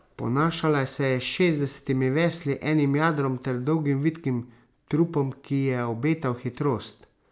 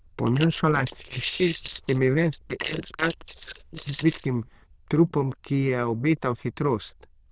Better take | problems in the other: first | noise reduction (neural diffusion model UNIVERSE++)

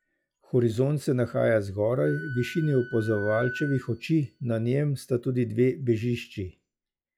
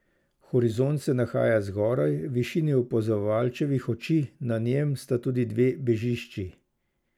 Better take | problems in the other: second | noise reduction (classical method log-MMSE)

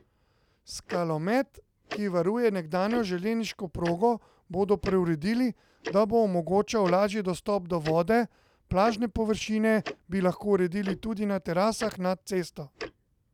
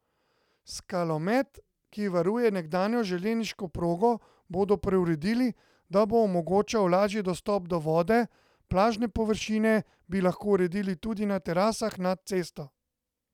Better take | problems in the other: second | background sound (Tick-tock); 17 dB below the speech

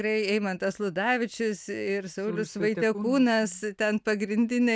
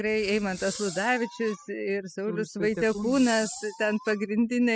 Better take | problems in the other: first | noise reduction (classical method spectral subtraction)

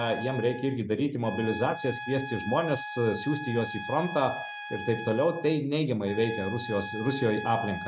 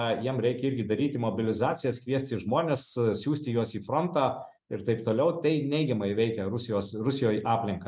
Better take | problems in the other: second | background sound (Trumpet); 10 dB below the speech

